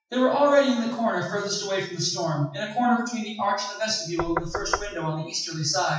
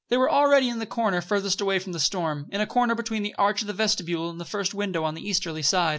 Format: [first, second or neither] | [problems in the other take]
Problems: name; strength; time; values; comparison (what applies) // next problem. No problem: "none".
second | noise reduction (classical method WPE with log-MMSE)